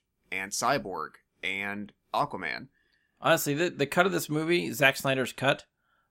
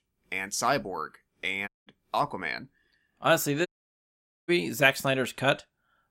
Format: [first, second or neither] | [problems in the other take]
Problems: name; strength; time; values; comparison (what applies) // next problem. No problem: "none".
first | audio cutting out; at 1.5 s and at 3.5 s for 1 s